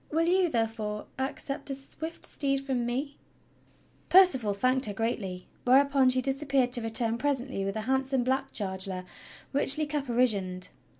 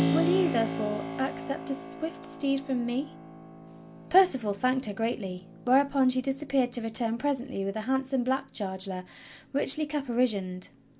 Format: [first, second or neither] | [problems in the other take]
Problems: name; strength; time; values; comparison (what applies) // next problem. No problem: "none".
first | background sound (Keyboard (musical)); 8 dB below the speech